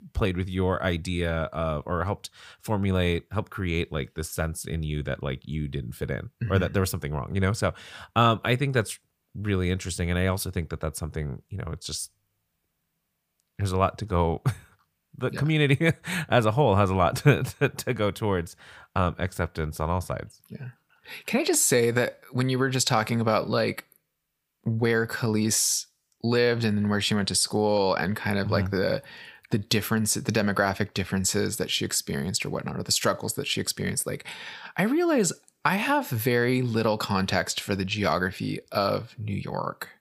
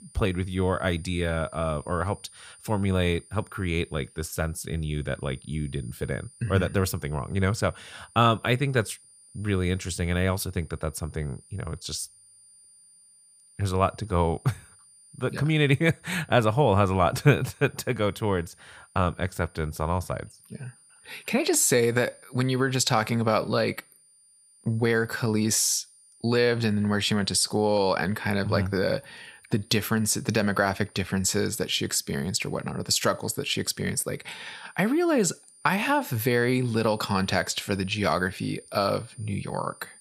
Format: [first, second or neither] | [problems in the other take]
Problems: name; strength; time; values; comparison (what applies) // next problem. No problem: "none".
first | high-pitched whine; faint; throughout; 9 kHz, 25 dB below the speech